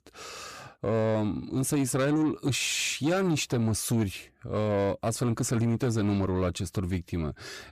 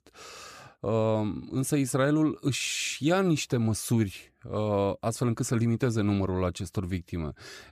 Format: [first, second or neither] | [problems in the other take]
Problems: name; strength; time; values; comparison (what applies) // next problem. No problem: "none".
second | distortion; slight; 10 dB below the speech